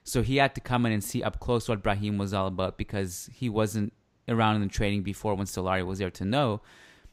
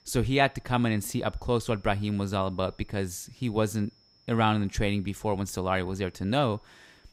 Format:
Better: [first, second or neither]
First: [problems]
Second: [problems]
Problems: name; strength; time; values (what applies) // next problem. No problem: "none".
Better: first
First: none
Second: high-pitched whine; faint; throughout; 5.5 kHz, 35 dB below the speech